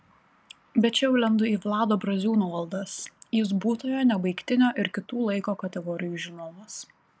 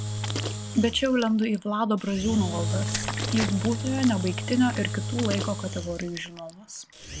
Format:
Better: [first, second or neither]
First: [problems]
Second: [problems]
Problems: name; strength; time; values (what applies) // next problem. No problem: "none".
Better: first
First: none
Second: background sound (Engine / Drill); 4 dB below the speech